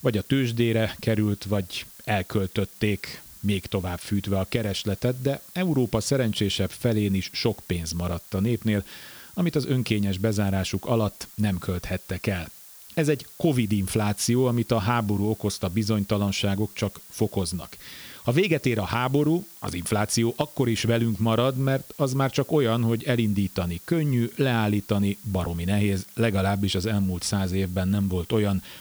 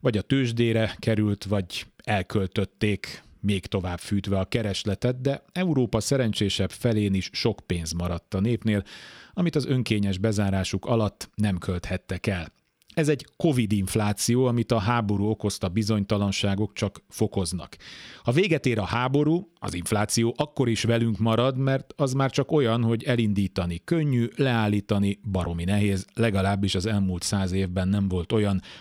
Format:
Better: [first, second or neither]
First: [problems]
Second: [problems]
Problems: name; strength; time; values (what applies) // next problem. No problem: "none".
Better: second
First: hiss; noticeable; throughout; 20 dB below the speech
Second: none